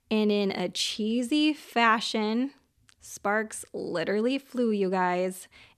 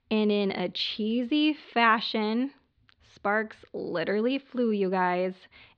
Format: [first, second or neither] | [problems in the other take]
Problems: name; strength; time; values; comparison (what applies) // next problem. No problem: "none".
first | muffled; very slightly; fading above 4 kHz